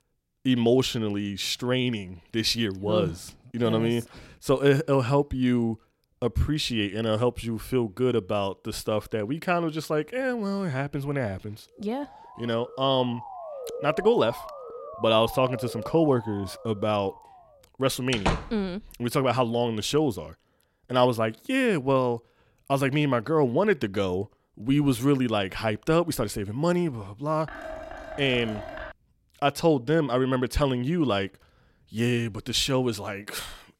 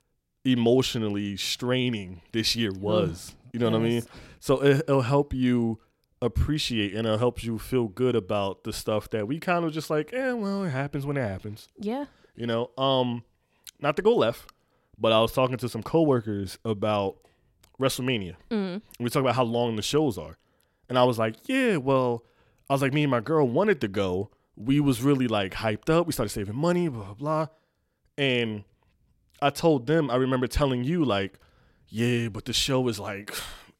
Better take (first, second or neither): second